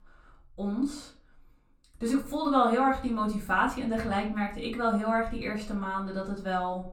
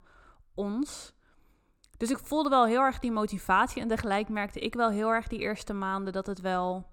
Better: second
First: off-mic speech; far // room echo; very slight; dies away in 0.4 s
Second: none

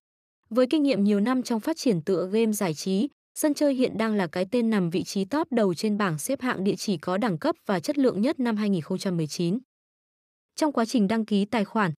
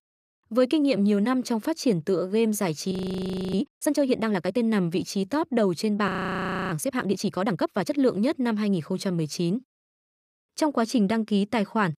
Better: first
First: none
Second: audio freezing; at 3 s for 0.5 s and at 6 s for 0.5 s

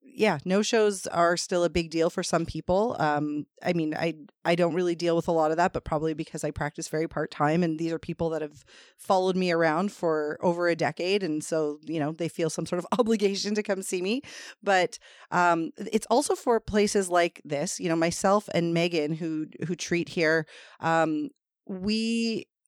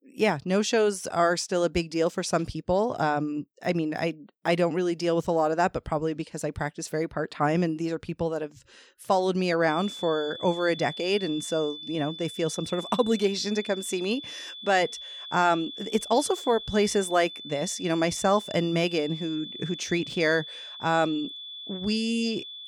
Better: first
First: none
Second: high-pitched whine; noticeable; from 9.5 s on; 3.5 kHz, 10 dB below the speech

